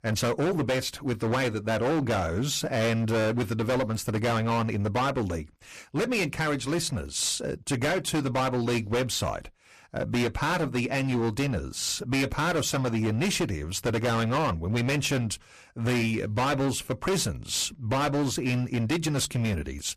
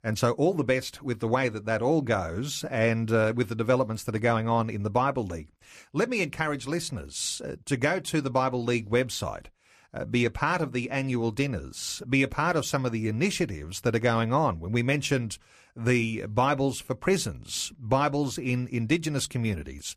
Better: second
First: distortion; heavy; 20% of the sound clipped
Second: none

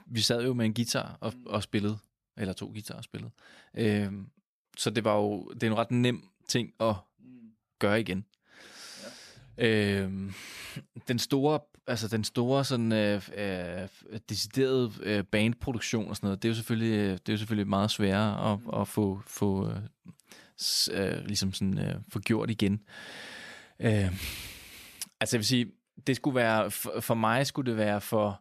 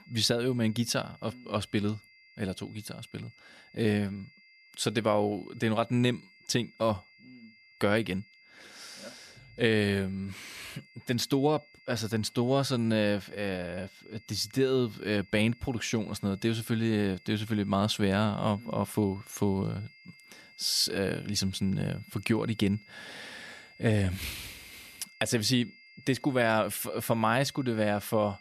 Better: first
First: none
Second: high-pitched whine; faint; throughout; 2 kHz, 25 dB below the speech

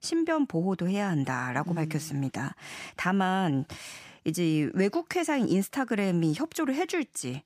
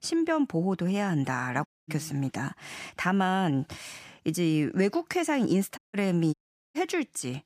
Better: first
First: none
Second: audio cutting out; at 1.5 s, at 6 s and at 6.5 s

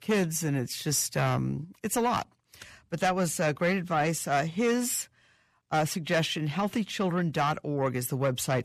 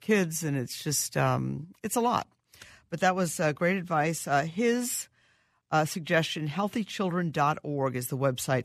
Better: second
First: distortion; slight; 10 dB below the speech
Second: none

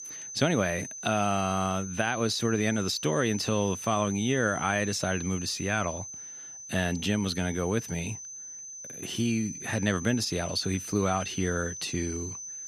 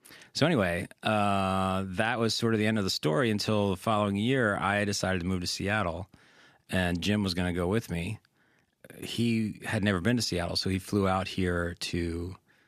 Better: second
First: high-pitched whine; loud; throughout; 6 kHz, 9 dB below the speech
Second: none

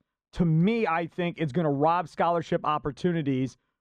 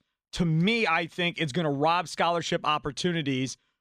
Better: second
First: muffled; slightly; fading above 2 kHz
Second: none

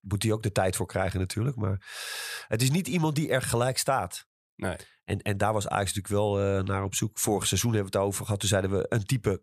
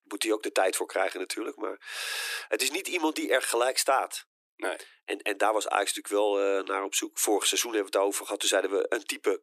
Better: first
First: none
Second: thin; very; fading below 300 Hz

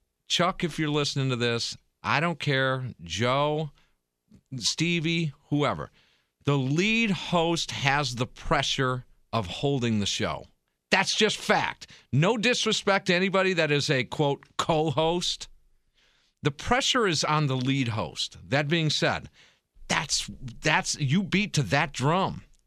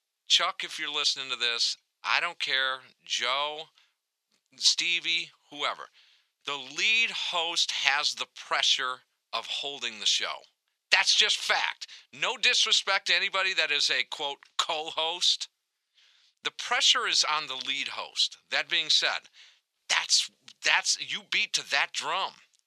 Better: first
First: none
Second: thin; very; fading below 850 Hz

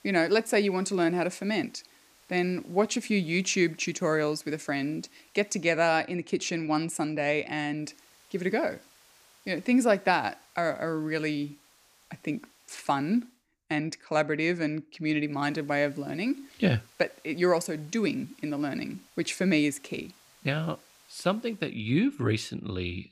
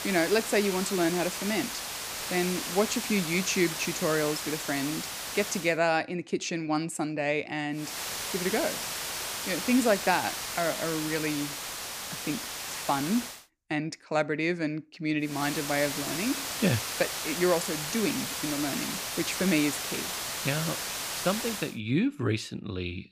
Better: first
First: hiss; faint; until 5.5 s, from 8 to 13 s and from 15 to 22 s; 30 dB below the speech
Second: hiss; loud; until 5.5 s, from 8 to 13 s and from 15 to 22 s; 3 dB below the speech

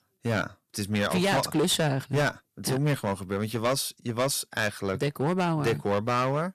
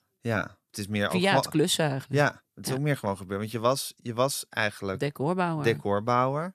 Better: second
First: distortion; heavy; 10% of the sound clipped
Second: none

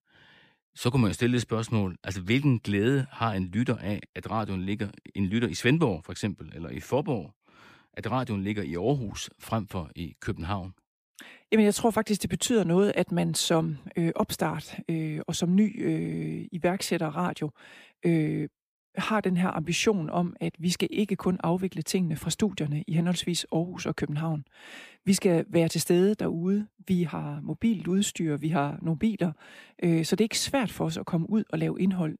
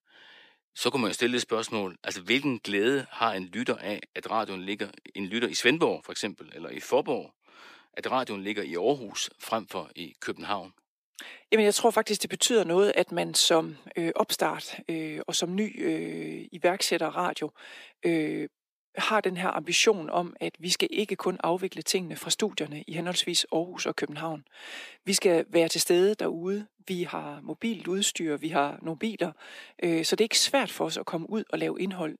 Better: first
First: none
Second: thin; somewhat; fading below 400 Hz

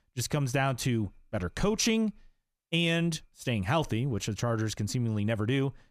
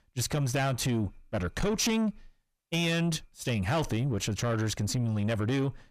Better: first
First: none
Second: distortion; slight; 10 dB below the speech

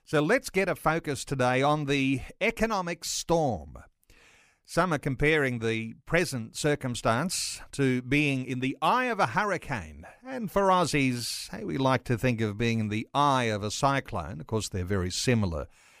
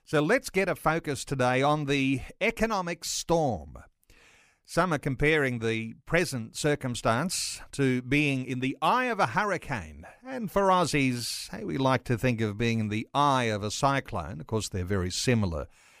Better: neither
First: none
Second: none

